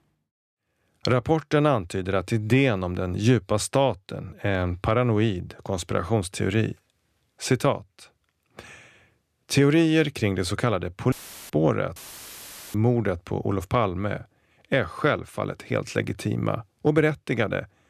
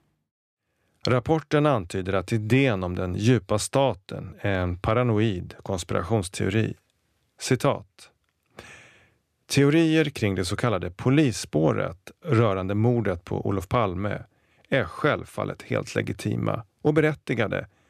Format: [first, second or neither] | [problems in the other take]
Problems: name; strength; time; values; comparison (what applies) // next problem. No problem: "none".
second | audio cutting out; filled with static; at 11 s and at 12 s for 1 s